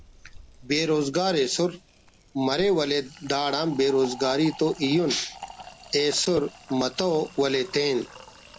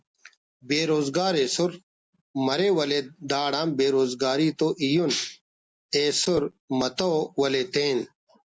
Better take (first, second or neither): second